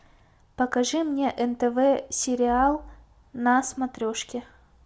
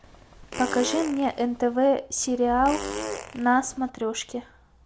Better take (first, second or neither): first